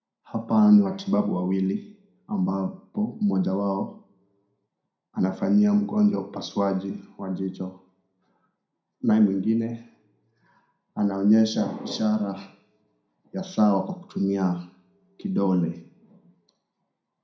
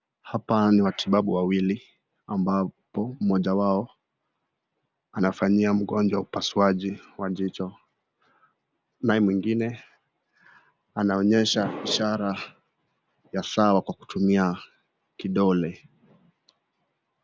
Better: second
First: room echo; dies away in 0.4 s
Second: none

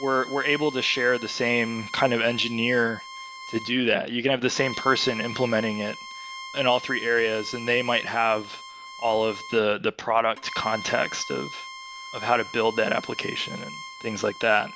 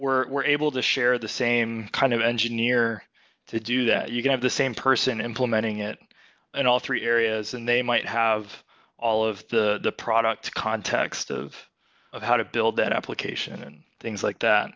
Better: second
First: background sound (Bowed string instrument); 14 dB below the speech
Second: none

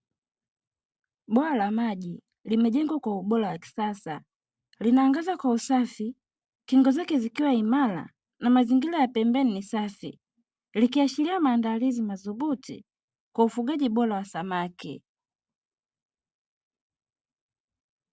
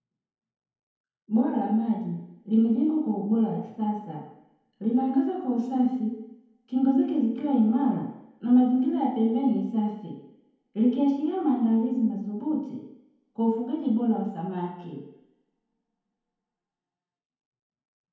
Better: first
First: none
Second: room echo; dies away in 0.9 s

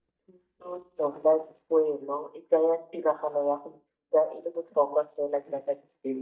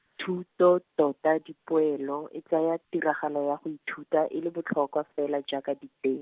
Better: second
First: noise reduction (neural mask model DeepFilterNet 3)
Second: none

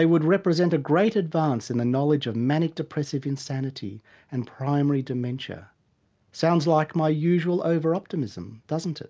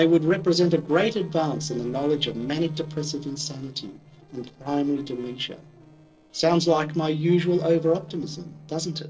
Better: first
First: none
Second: noise reduction (neural separator model SepFormer DNS4)

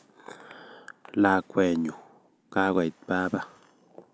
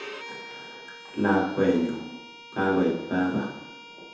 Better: first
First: none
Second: background sound (Bowed string instrument); 16 dB below the speech // room echo; dies away in 0.8 s

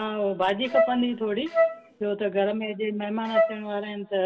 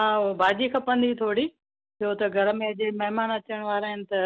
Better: second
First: background sound (Wind instrument, woodwind instrument); 1 dB above the speech // room echo; dies away in 2.3 s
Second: none

